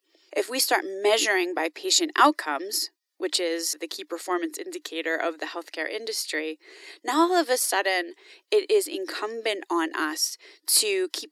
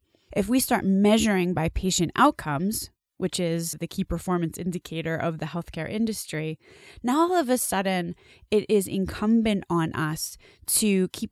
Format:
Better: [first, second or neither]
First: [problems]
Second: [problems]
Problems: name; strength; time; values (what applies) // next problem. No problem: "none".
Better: second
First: thin; very; fading below 300 Hz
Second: none